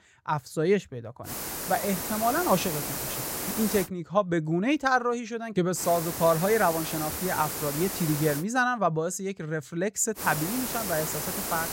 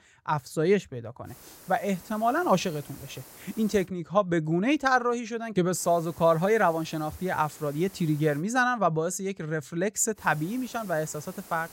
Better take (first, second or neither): second